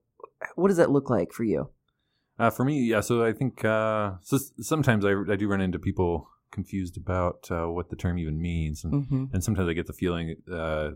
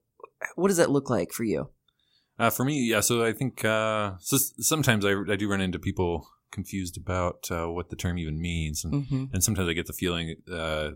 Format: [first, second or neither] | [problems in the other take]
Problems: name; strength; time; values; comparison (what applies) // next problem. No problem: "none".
second | muffled; slightly; fading above 2 kHz